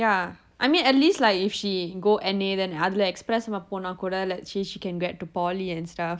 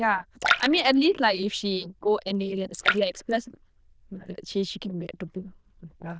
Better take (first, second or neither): first